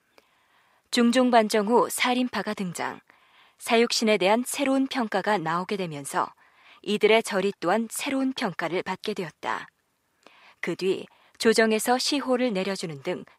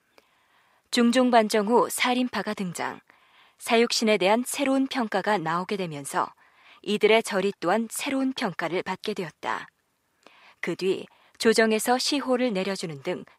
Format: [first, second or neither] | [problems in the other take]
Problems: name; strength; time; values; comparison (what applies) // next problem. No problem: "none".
neither | none